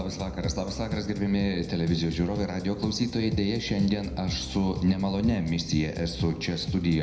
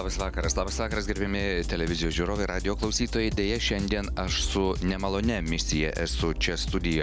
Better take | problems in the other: second | room echo; dies away in 0.8 s

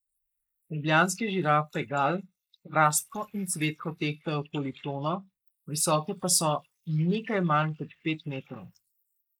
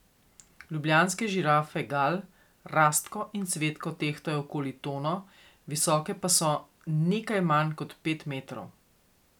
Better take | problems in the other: second | noise reduction (neural mask model Resemble Enhance denoiser)

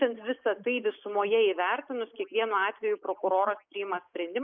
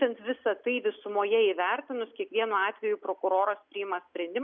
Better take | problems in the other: second | noise reduction (neural mask model Resemble Enhance denoiser)

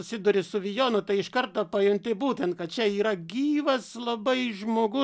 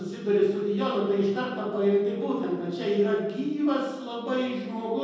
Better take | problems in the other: first | room echo; dies away in 1.3 s

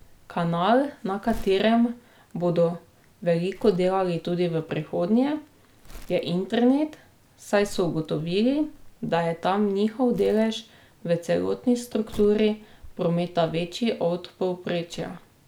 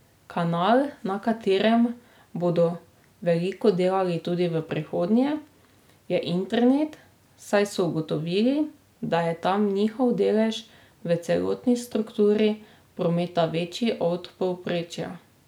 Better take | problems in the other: second | background sound (Crumpling, crinkling); 20 dB below the speech

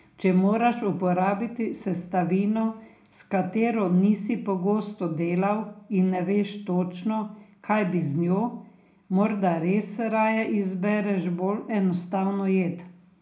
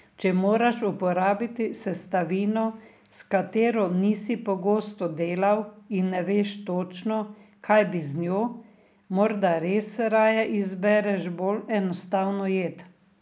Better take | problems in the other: second | room echo; dies away in 0.3 s

